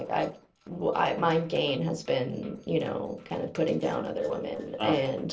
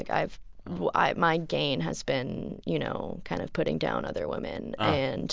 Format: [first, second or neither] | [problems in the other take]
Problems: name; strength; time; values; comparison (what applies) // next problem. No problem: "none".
second | noise reduction (neural separator model SepFormer DNS4)